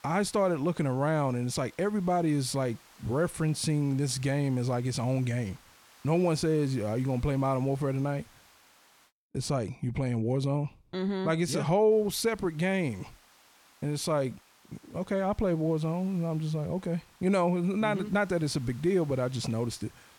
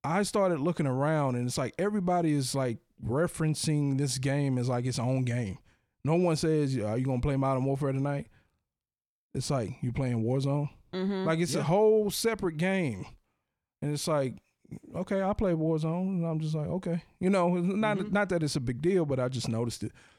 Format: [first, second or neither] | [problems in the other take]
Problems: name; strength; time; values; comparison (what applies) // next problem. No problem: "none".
second | hiss; faint; until 9 s and from 12 s on; 25 dB below the speech